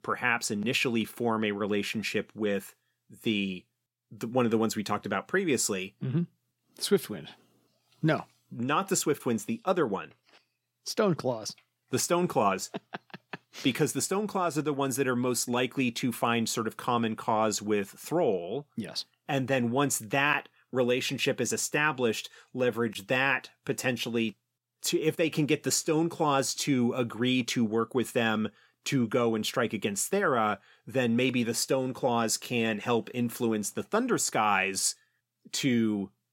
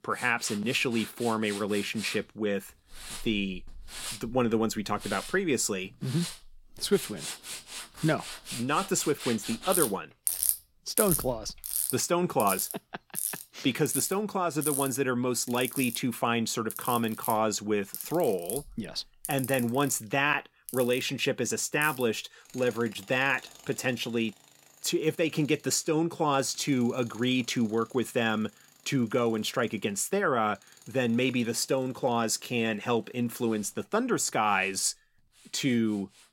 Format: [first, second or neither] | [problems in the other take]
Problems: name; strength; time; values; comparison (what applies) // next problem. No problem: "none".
first | machinery noise; loud; throughout; 6 dB below the speech